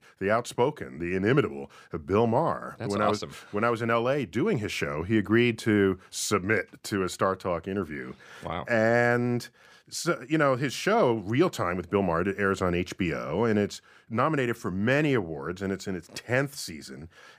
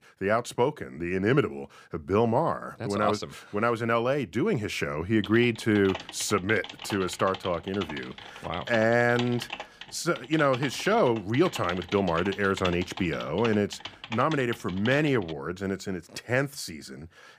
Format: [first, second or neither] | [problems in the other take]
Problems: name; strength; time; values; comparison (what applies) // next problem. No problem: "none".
first | keyboard typing; noticeable; from 5 to 15 s; peak 8 dB below the speech